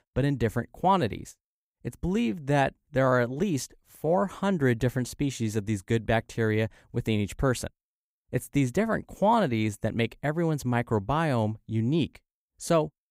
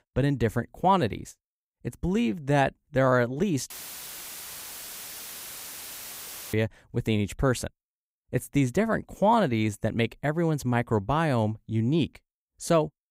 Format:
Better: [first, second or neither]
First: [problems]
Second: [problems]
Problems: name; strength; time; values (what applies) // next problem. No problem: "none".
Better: first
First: none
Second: audio cutting out; filled with static; at 3.5 s for 3 s